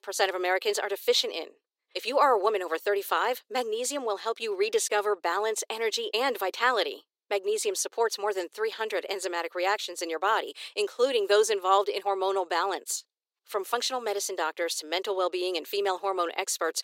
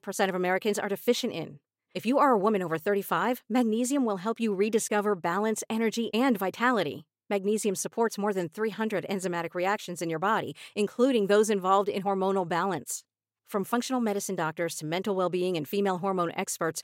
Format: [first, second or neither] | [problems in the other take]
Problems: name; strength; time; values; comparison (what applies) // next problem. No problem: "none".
second | thin; very; fading below 350 Hz